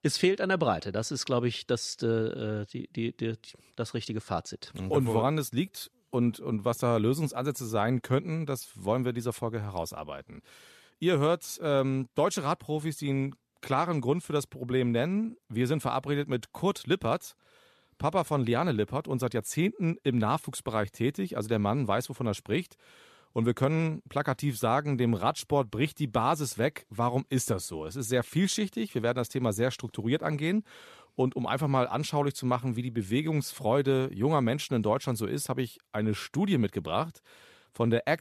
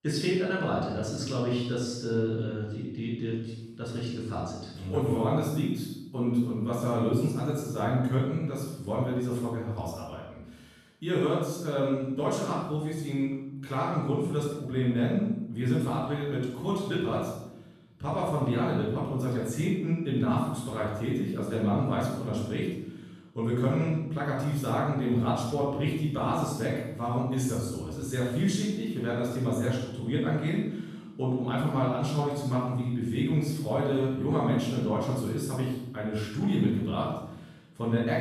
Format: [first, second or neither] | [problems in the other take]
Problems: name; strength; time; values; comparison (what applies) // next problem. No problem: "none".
first | room echo; strong; dies away in 0.9 s // off-mic speech; far